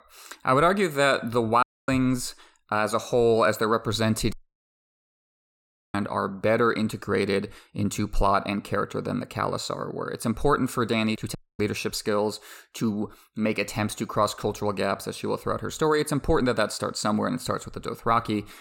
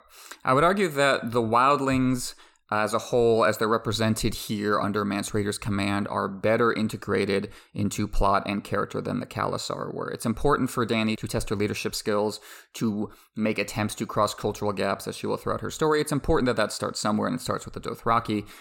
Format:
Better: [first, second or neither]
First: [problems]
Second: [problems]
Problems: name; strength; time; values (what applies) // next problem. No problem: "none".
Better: second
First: audio cutting out; at 1.5 s, at 4.5 s for 1.5 s and at 11 s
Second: none